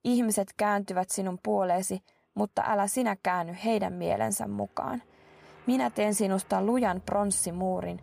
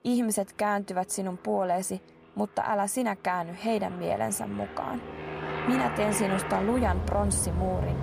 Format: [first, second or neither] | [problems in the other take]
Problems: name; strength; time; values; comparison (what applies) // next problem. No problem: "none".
first | train or aircraft noise; loud; throughout; 5 dB below the speech; faint in the first